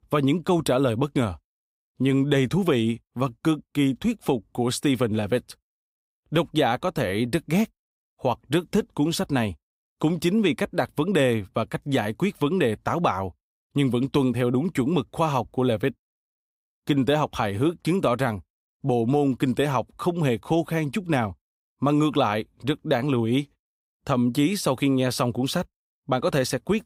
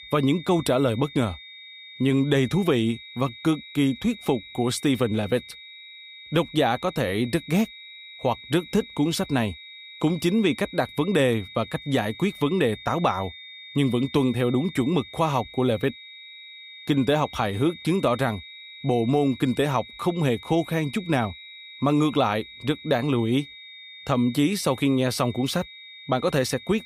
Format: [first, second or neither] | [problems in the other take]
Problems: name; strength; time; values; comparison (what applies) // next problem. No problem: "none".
first | high-pitched whine; noticeable; throughout; 4 kHz, 15 dB below the speech